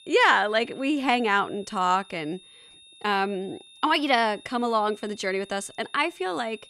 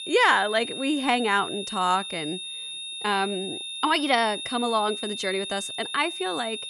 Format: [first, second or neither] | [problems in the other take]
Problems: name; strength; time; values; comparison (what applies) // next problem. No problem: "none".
first | high-pitched whine; loud; throughout; 3.5 kHz, 7 dB below the speech; faint in the first